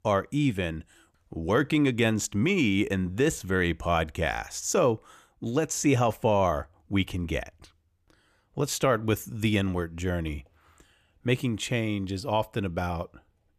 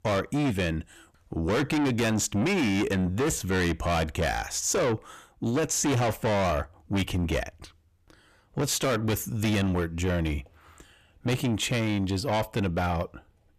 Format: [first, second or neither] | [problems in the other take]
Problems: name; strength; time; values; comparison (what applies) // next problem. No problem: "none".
first | distortion; heavy; 6 dB below the speech